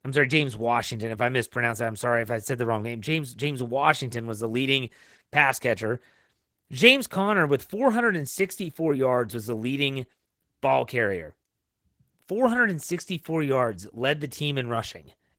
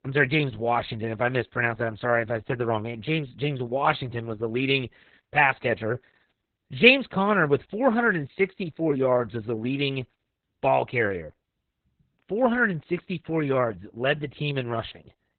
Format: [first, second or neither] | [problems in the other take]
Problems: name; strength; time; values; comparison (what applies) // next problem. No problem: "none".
first | garbled, watery; badly; nothing above 4 kHz; slightly in the first